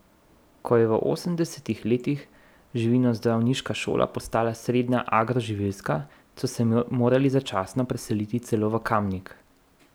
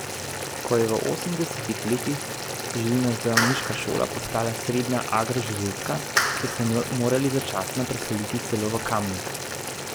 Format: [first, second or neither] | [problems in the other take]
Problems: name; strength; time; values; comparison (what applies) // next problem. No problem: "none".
first | background sound (Clapping + Boiling); 3 dB below the speech